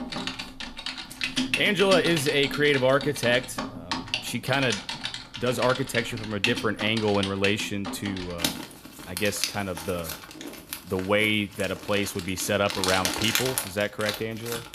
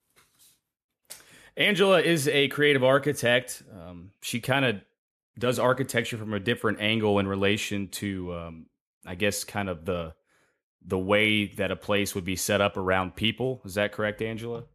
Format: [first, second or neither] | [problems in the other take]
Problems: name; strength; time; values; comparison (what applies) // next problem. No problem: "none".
second | household noises; loud; throughout; 5 dB below the speech